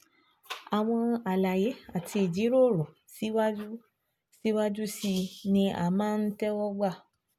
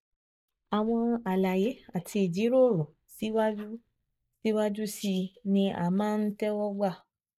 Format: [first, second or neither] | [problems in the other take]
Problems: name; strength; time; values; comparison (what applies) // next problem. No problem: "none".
first | noise reduction (neural mask model DeepFilterNet 3)